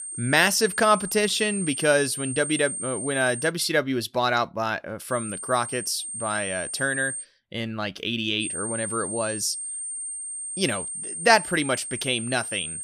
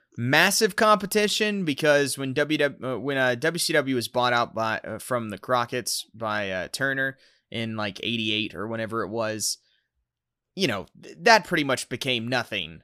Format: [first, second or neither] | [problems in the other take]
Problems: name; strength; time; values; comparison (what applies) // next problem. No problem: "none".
second | high-pitched whine; loud; until 3.5 s, from 5 to 7 s and from 8.5 s on; 8.5 kHz, 6 dB below the speech